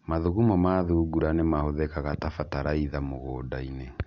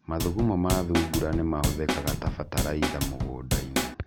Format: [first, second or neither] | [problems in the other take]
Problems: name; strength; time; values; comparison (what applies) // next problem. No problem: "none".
first | background sound (Drum / Drum kit); as loud as the speech